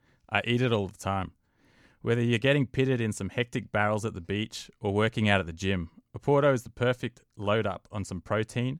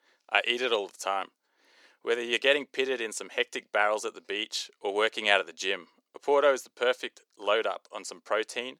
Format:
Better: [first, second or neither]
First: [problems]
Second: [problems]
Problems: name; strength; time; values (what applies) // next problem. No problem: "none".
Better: first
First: none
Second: thin; very; fading below 400 Hz